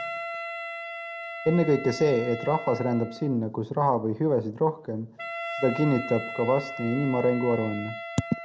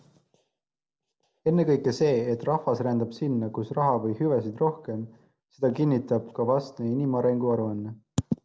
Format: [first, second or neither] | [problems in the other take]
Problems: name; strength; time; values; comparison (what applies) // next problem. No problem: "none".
second | background sound (Wind instrument, woodwind instrument); 10 dB below the speech